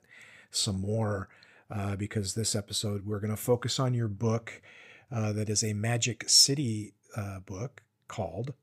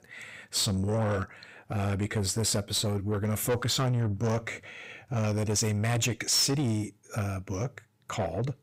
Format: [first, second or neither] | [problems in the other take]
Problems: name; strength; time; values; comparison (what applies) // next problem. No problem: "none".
first | distortion; heavy; 6 dB below the speech